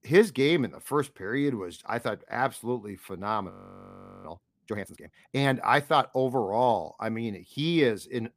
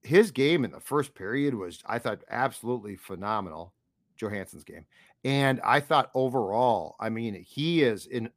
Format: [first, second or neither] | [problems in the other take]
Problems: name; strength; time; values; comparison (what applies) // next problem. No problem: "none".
second | audio freezing; at 3.5 s for 1 s